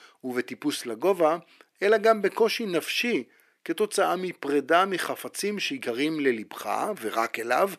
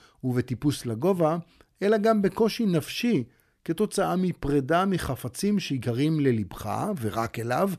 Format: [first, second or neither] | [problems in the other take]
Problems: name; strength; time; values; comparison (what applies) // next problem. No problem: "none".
second | thin; somewhat; fading below 300 Hz